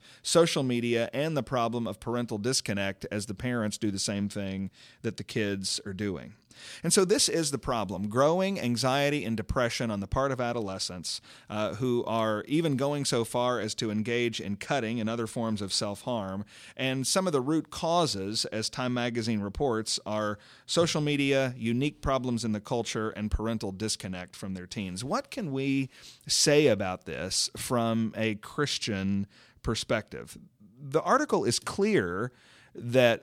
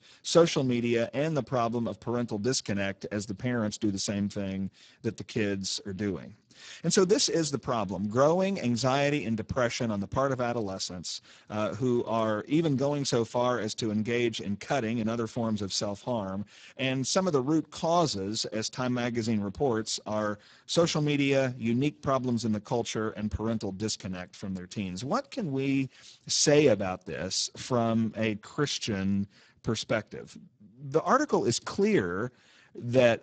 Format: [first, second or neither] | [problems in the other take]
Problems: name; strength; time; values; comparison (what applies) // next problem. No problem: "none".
first | garbled, watery; badly; nothing above 7.5 kHz